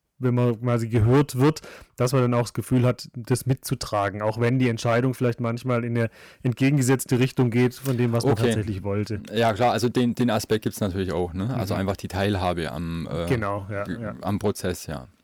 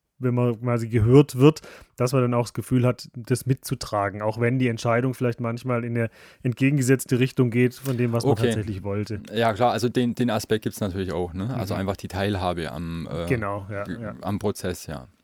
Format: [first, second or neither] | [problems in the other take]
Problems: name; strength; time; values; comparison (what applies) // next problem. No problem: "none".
second | distortion; slight; 4% of the sound clipped